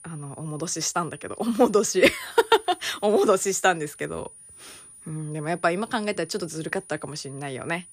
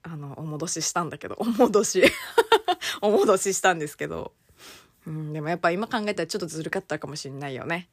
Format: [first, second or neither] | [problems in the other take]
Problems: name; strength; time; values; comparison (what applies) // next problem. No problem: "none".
second | high-pitched whine; faint; throughout; 9.5 kHz, 20 dB below the speech